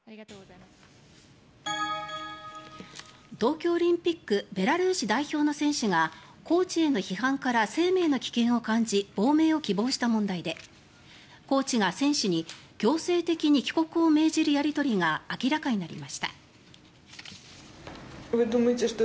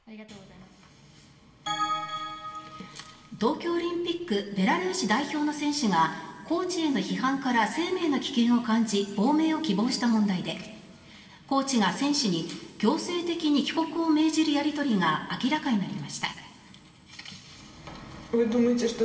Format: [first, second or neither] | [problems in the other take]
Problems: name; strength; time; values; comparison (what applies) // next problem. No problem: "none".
first | room echo; dies away in 2.1 s